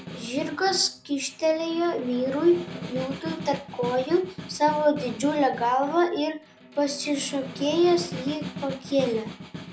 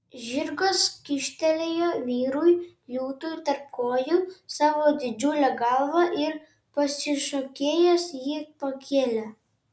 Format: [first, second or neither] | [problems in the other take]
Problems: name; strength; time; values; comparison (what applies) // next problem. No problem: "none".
second | background sound (Snare drum); 12 dB below the speech